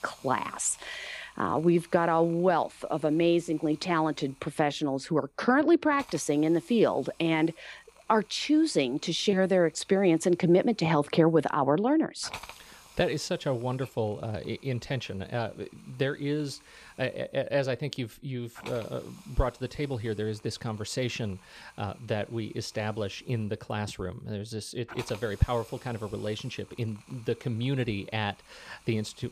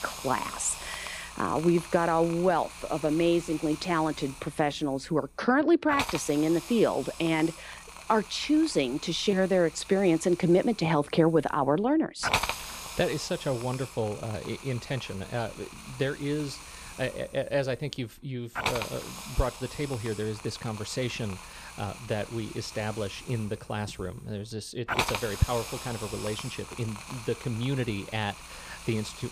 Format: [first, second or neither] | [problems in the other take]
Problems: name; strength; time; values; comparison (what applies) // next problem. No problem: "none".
first | hiss; loud; throughout; 9 dB below the speech; faint in the first